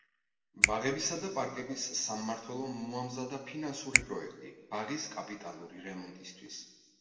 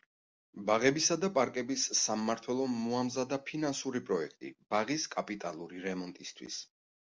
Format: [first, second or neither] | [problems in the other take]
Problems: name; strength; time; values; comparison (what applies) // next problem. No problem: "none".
second | background sound (Finger snapping); 2 dB above the speech // room echo; dies away in 1.3 s